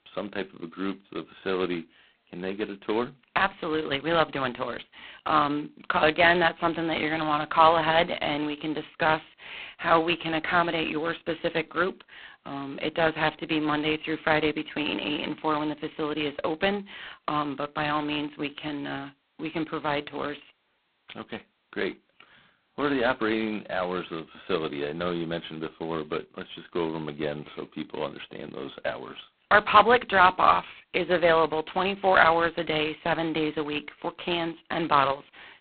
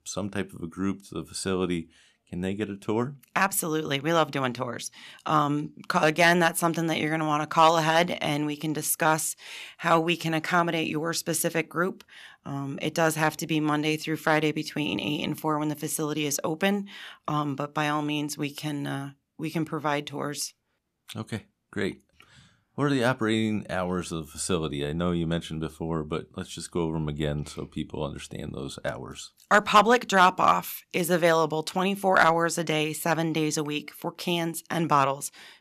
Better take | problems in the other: second | phone-call audio; poor line; nothing above 4 kHz

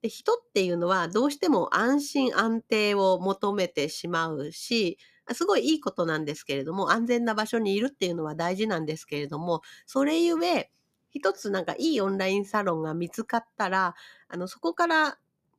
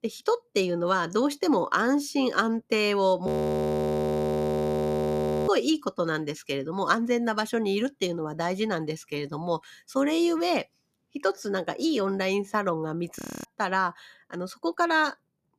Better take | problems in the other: first | audio freezing; at 3.5 s for 2 s and at 13 s

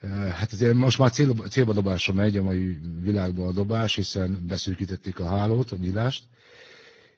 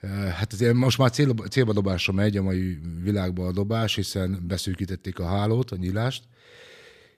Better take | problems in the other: second | garbled, watery; badly

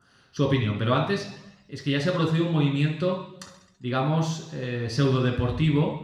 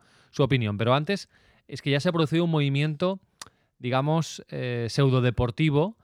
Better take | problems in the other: second | room echo; noticeable; dies away in 0.8 s // off-mic speech; somewhat distant

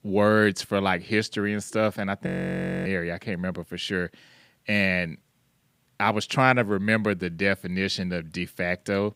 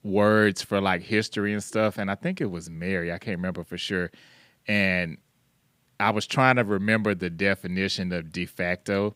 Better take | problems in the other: second | audio freezing; at 2.5 s for 0.5 s

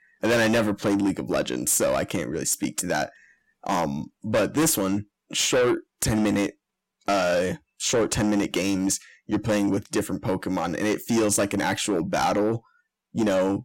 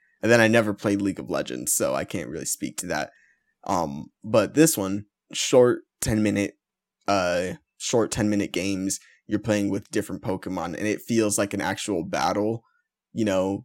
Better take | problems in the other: second | distortion; heavy; 6 dB below the speech

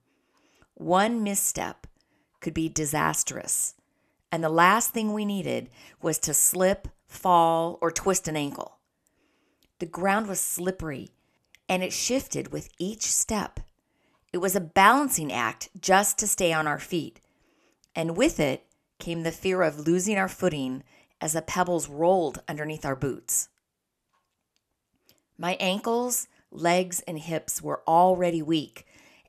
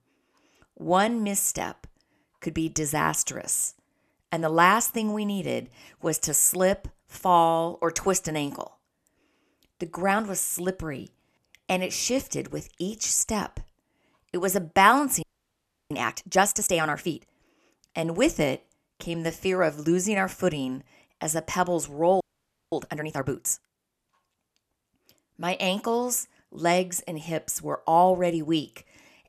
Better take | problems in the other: first | audio freezing; at 15 s for 0.5 s and at 22 s for 0.5 s

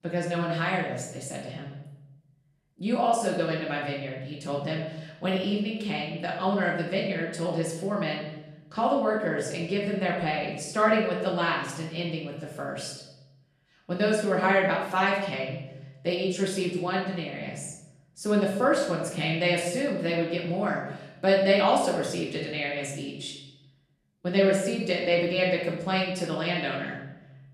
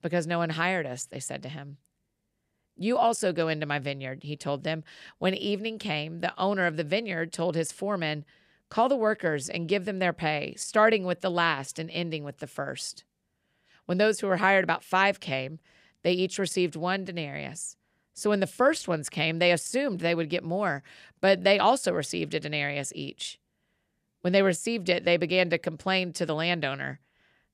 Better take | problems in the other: second | off-mic speech; far // room echo; noticeable; dies away in 0.8 s

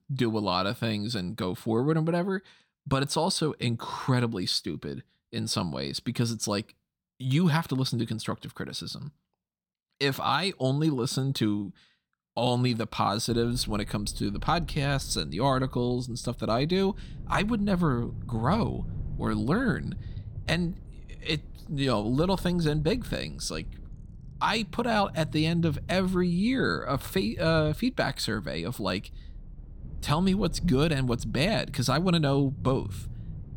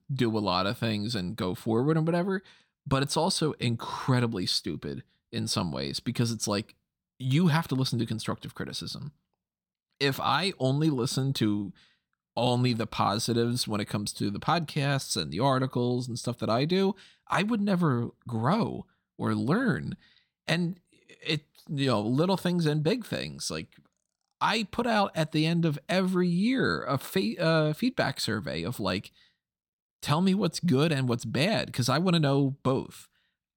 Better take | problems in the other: second | low rumble; faint; from 13 s on; 25 dB below the speech

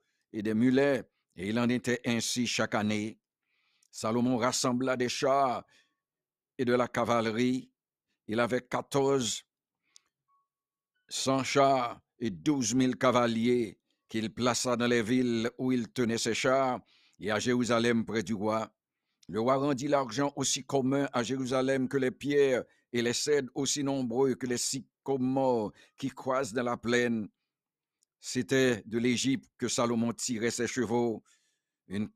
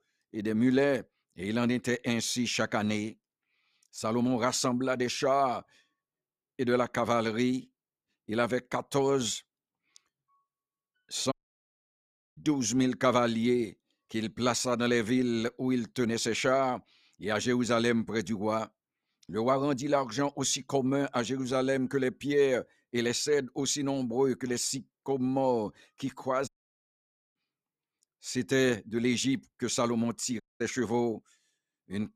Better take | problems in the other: first | audio cutting out; at 11 s for 1 s, at 26 s for 1 s and at 30 s

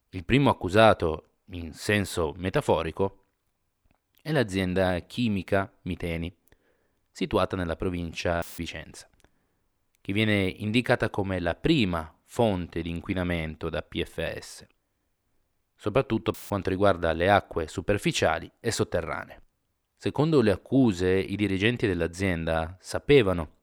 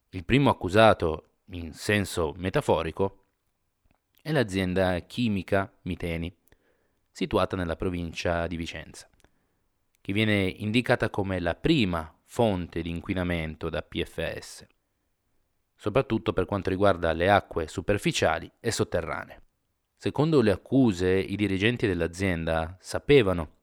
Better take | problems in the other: second | audio cutting out; filled with static; at 8.5 s and at 16 s

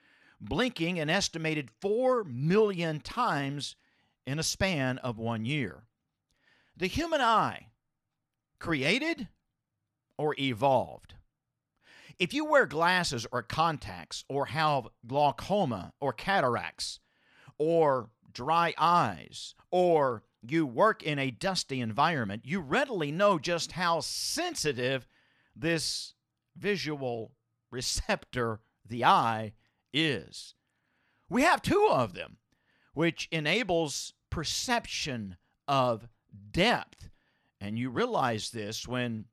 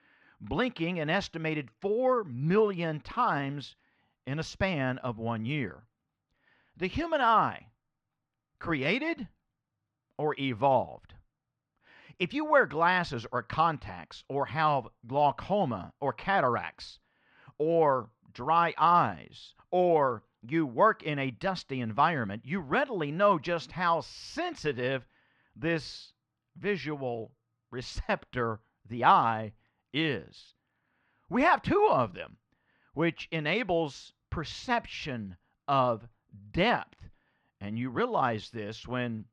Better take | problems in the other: first | muffled; slightly; fading above 3 kHz

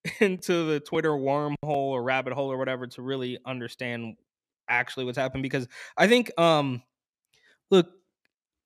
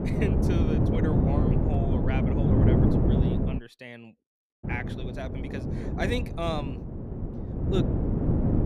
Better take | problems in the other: first | wind noise on the microphone; heavy; until 3.5 s and from 4.5 s on; 3 dB above the speech

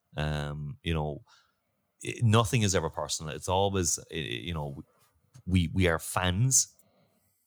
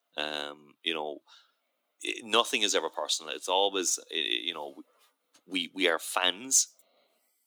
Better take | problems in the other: first | thin; very; fading below 300 Hz

